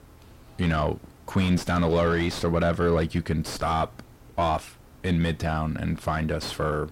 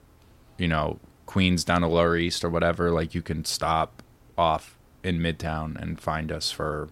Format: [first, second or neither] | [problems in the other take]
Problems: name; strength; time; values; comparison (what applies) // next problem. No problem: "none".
second | distortion; heavy; 7 dB below the speech